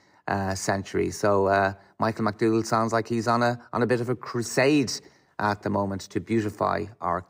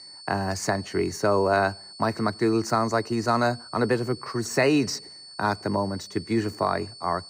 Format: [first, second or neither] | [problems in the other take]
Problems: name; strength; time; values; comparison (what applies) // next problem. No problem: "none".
first | high-pitched whine; noticeable; throughout; 4.5 kHz, 15 dB below the speech